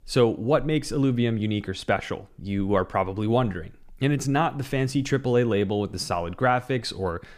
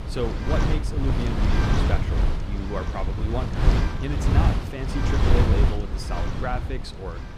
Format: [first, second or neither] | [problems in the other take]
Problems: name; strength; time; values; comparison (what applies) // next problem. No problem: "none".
first | wind noise on the microphone; heavy; 2 dB above the speech